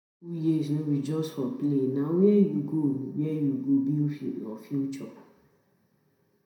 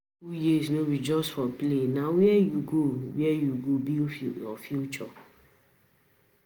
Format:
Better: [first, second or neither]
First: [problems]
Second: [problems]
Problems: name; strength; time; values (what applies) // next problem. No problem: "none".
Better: second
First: room echo; dies away in 0.5 s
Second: none